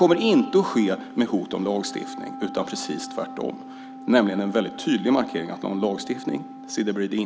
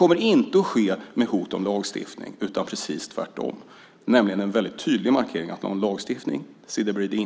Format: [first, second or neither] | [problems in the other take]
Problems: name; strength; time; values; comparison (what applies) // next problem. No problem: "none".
second | background sound (Wind instrument, woodwind instrument); 14 dB below the speech